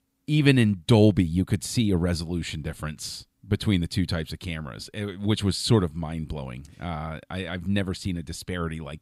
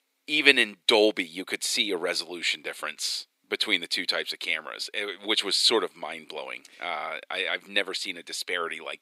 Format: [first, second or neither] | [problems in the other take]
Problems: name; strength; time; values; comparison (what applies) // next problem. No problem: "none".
first | thin; very; fading below 400 Hz